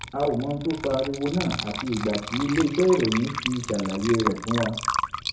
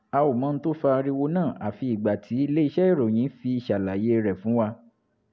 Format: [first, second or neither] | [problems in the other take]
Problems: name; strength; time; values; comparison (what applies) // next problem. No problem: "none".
second | background sound (Water / Liquid); 7 dB below the speech // room echo; dies away in 0.5 s